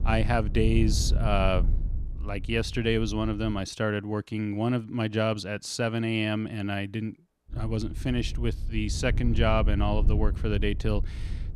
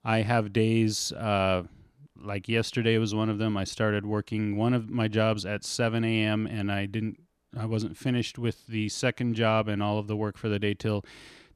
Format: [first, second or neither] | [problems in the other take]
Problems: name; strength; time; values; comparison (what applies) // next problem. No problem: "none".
second | low rumble; noticeable; until 3.5 s and from 7.5 s on; 15 dB below the speech